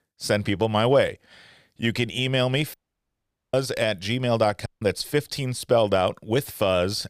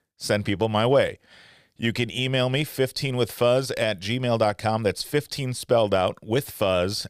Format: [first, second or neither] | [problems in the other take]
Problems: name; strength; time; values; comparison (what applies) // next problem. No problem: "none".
second | audio cutting out; at 2.5 s for 1 s and at 4.5 s